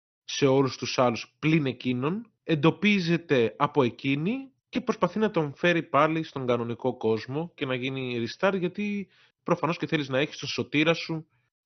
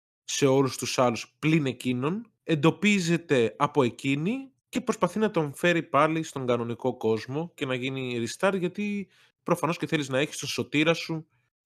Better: second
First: garbled, watery; slightly; nothing above 6 kHz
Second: none

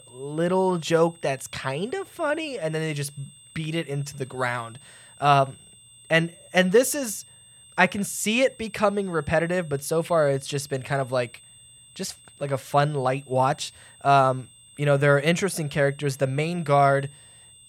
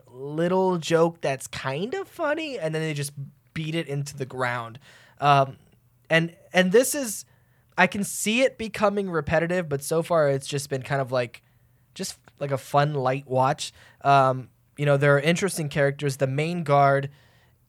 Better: second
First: high-pitched whine; faint; throughout; 8.5 kHz, 25 dB below the speech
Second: none

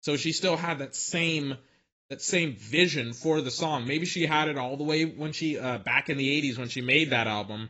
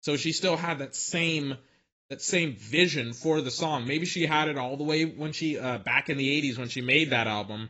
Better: neither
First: garbled, watery; badly; nothing above 7.5 kHz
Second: garbled, watery; badly; nothing above 7.5 kHz

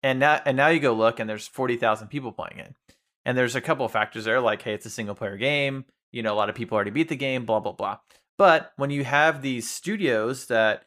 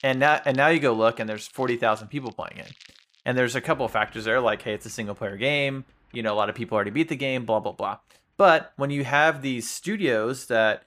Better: first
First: none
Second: household noises; faint; throughout; 30 dB below the speech

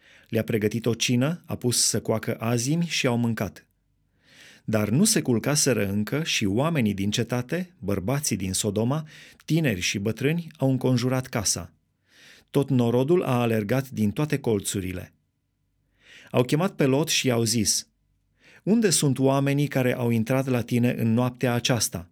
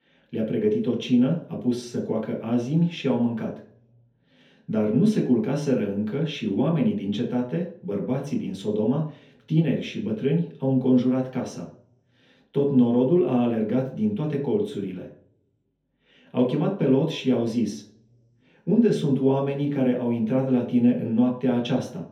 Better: first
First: none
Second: room echo; noticeable; dies away in 0.5 s // off-mic speech; far

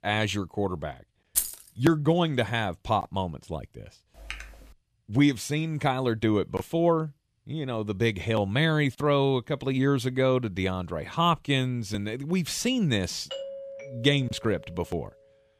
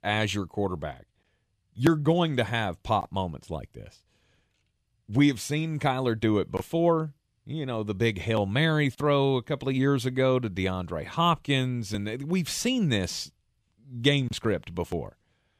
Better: second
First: jangling keys; noticeable; at 1.5 s; peak 1 dB below the speech // keyboard typing; faint; at 4 s; peak 15 dB below the speech // doorbell; faint; from 13 to 15 s; peak 10 dB below the speech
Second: none

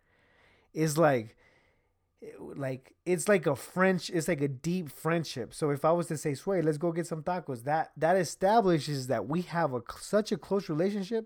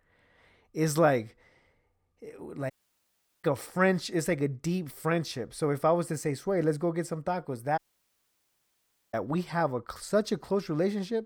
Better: first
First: none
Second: audio cutting out; at 2.5 s for 0.5 s and at 8 s for 1.5 s

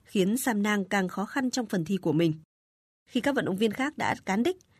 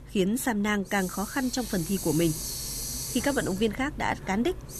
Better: first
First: none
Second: hiss; loud; throughout; 7 dB below the speech

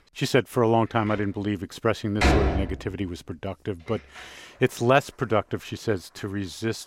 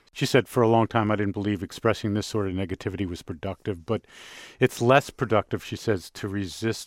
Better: second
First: household noises; very loud; throughout; as loud as the speech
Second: none

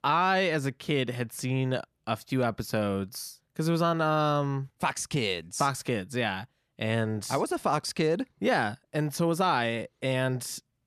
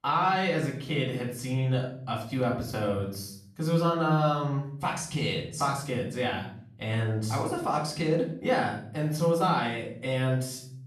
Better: first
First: none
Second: off-mic speech; far // room echo; noticeable; dies away in 0.6 s

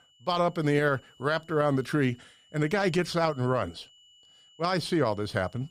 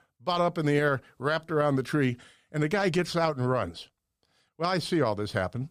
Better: second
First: high-pitched whine; faint; throughout; 3 kHz, 30 dB below the speech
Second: none

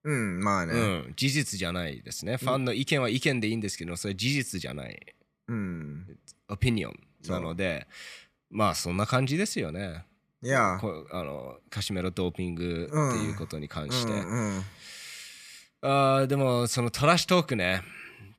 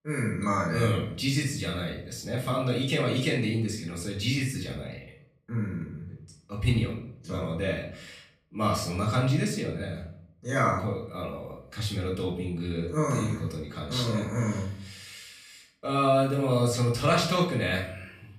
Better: first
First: none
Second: off-mic speech; far // room echo; slight; dies away in 0.5 s

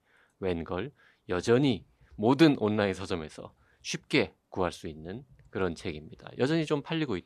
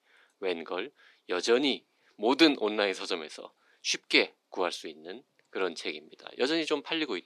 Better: first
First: none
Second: thin; very slightly; fading below 300 Hz

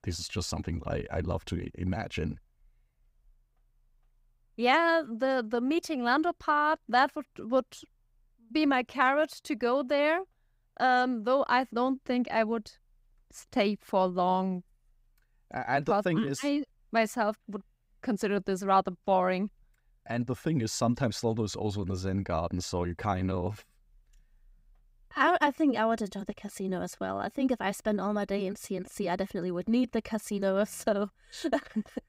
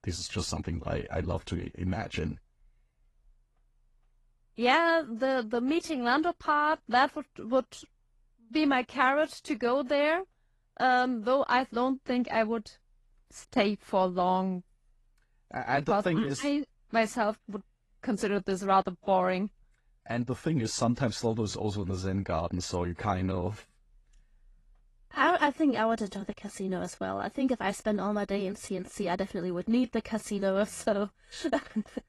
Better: first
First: none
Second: garbled, watery; slightly; nothing above 11.5 kHz

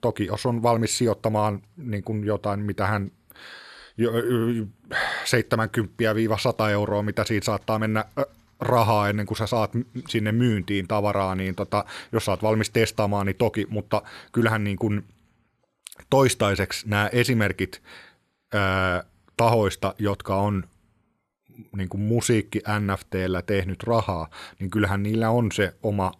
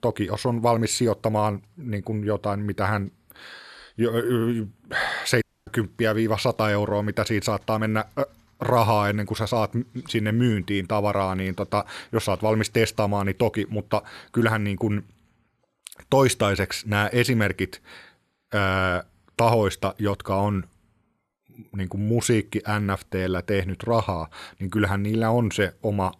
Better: first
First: none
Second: audio cutting out; at 5.5 s

